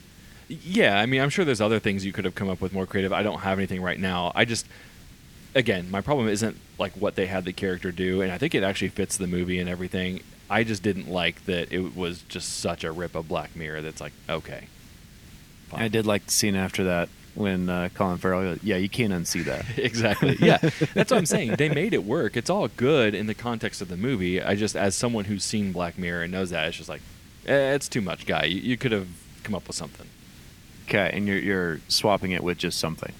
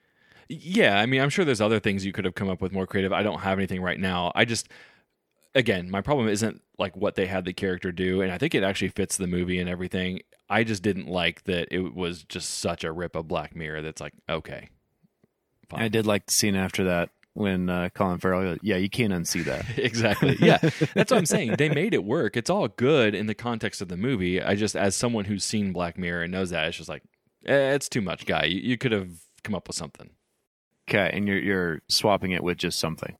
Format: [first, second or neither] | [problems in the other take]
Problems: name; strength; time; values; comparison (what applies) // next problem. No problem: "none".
second | hiss; faint; throughout; 25 dB below the speech